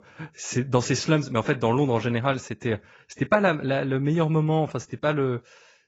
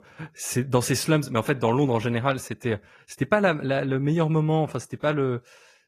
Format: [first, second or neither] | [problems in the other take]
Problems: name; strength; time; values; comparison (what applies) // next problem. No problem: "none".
second | garbled, watery; badly; nothing above 7.5 kHz; slightly in the second